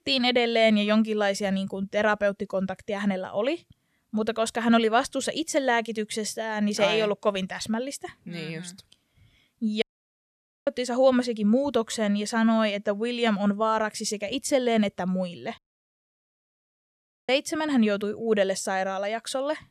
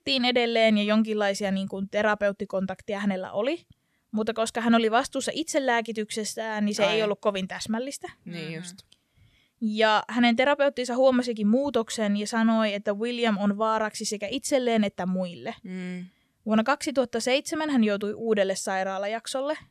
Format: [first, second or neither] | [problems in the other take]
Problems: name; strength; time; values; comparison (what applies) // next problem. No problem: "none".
second | audio cutting out; at 10 s for 1 s and at 16 s for 1.5 s